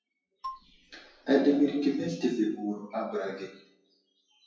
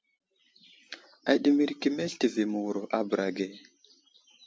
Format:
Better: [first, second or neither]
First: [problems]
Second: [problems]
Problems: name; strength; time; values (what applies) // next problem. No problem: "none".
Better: second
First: noise reduction (classical method WPE with log-MMSE)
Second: none